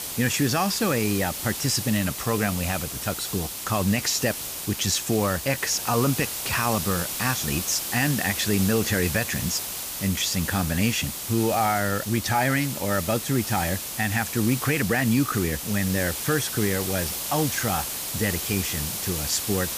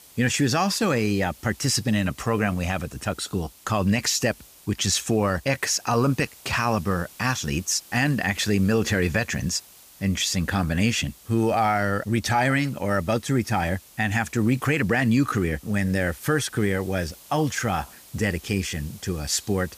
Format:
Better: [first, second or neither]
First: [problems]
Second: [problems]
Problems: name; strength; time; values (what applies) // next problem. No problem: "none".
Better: second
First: hiss; loud; throughout; 4 dB below the speech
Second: hiss; faint; throughout; 20 dB below the speech